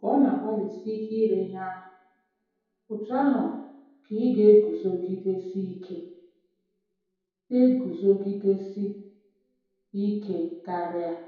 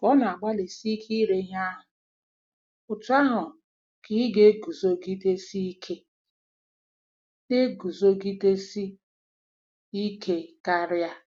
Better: second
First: room echo; dies away in 2 s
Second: none

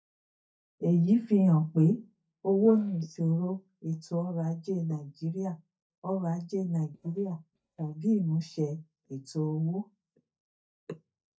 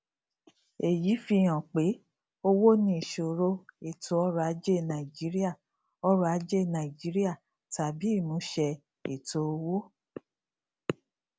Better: second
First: noise reduction (neural mask model DeepFilterNet 3)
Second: none

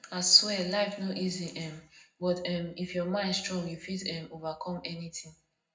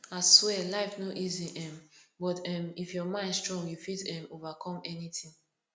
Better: second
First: room echo; dies away in 0.3 s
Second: none

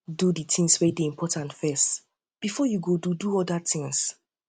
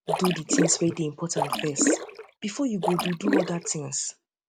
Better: first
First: none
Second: background sound (Splash, splatter); as loud as the speech

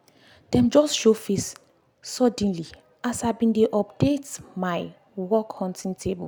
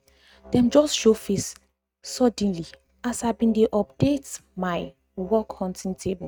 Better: first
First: none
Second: noise reduction (neural mask model RNNoise)

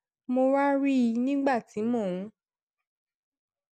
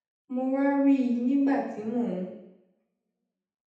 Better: first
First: none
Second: room echo; dies away in 0.8 s

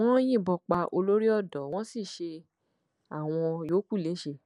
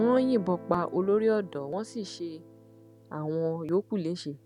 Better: first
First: none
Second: background sound (Guitar); 17 dB below the speech

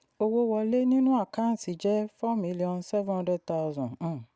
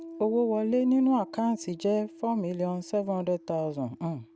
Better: first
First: none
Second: background sound (Piano); 19 dB below the speech

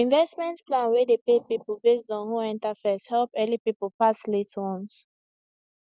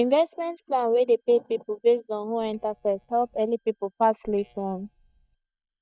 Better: first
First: none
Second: noise reduction (neural mask model DeepFilterNet 3)

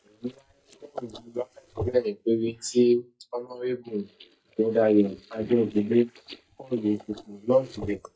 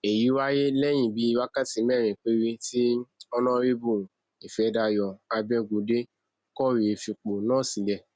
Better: second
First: noise reduction (neural mask model DeepFilterNet 3)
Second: none

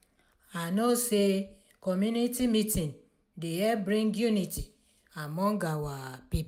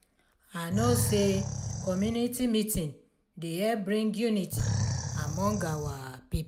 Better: first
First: none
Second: background sound (Animal); 3 dB below the speech

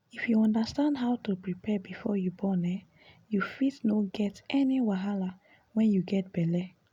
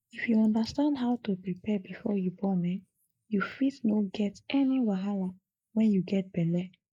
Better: first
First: none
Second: noise reduction (neural mask model Resemble Enhance denoiser)

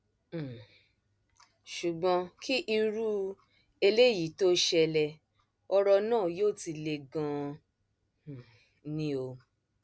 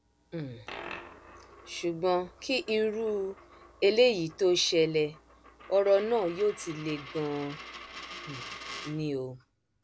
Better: first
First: none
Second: background sound (Coin (dropping)); 17 dB below the speech

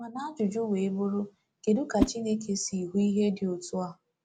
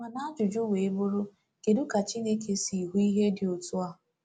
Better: second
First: background sound (Whoosh, swoosh, swish); 6 dB below the speech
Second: none

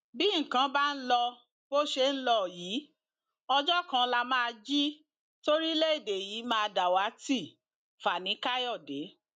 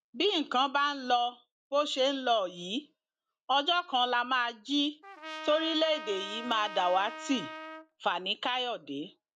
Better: first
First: none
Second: background sound (Trumpet); 12 dB below the speech

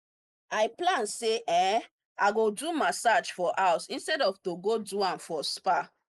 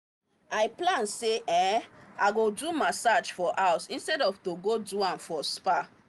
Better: second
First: noise reduction (neural mask model Resemble Enhance denoiser)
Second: none

